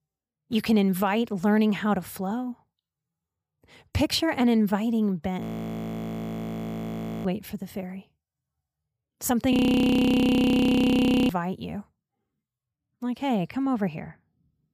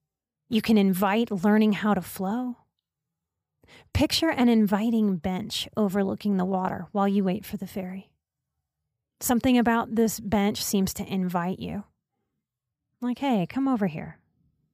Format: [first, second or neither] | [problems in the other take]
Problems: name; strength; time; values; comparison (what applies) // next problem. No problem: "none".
second | audio freezing; at 5.5 s for 2 s and at 9.5 s for 2 s